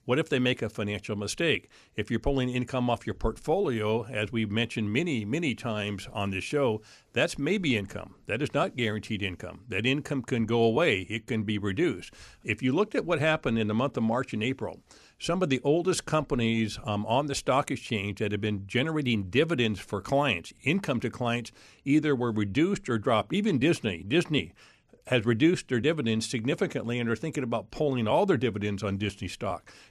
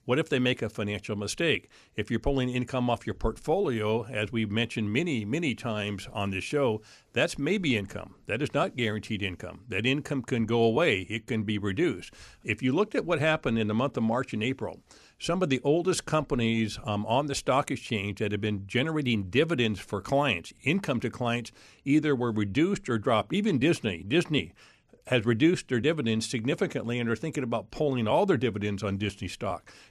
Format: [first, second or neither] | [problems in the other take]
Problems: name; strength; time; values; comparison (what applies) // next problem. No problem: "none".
neither | none